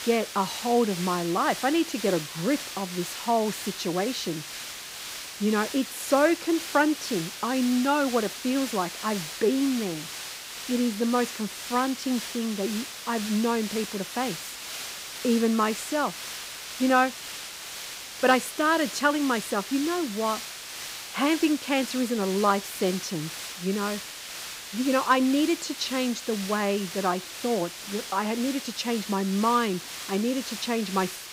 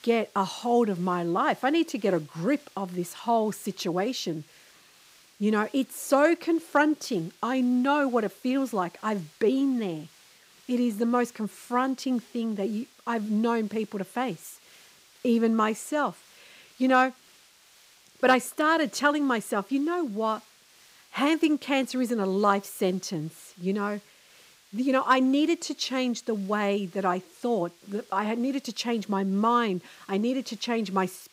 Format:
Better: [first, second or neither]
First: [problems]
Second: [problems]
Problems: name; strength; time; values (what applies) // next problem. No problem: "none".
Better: second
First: hiss; loud; throughout; 8 dB below the speech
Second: hiss; faint; throughout; 25 dB below the speech